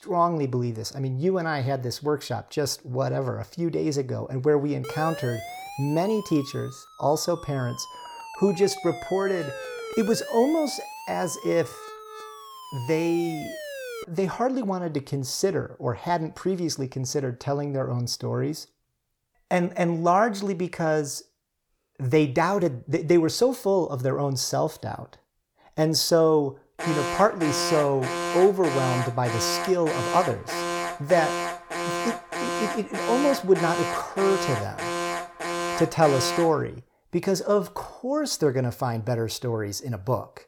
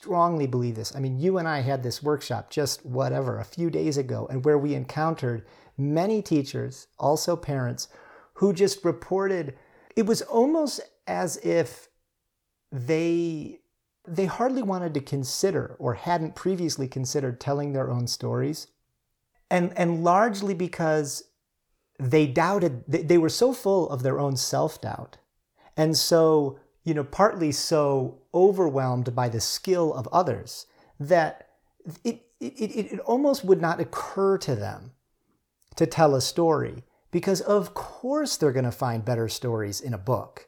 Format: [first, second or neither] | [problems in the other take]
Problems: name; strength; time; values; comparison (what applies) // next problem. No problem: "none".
second | siren; noticeable; from 5 to 14 s; peak 9 dB below the speech // alarm; noticeable; from 27 to 37 s; peak 2 dB below the speech